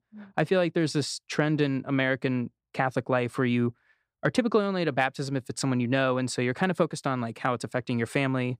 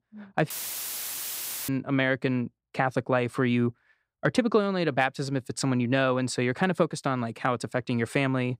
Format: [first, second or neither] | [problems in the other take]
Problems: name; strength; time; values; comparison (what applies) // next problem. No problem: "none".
first | audio cutting out; filled with static; at 0.5 s for 1 s